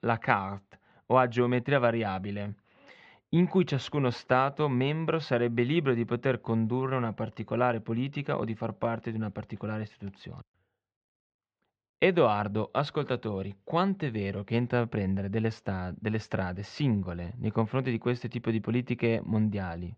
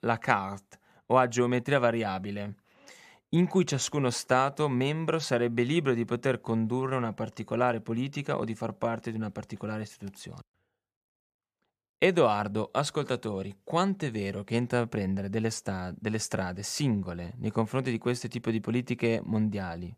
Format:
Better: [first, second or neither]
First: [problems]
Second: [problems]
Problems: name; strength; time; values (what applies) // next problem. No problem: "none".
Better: second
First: muffled; slightly; fading above 4 kHz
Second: none